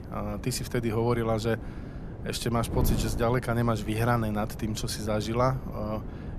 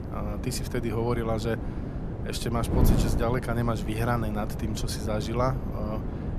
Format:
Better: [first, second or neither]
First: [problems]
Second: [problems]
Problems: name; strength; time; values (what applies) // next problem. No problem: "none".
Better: first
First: wind noise on the microphone; occasional gusts; 15 dB below the speech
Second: wind noise on the microphone; heavy; 7 dB below the speech